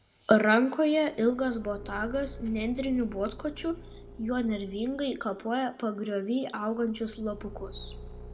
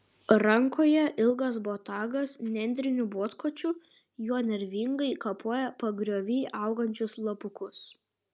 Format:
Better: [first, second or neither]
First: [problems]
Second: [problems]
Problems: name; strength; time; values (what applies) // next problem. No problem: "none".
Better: second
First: background sound (Engine / Car); 17 dB below the speech // room echo; dies away in 1 s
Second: none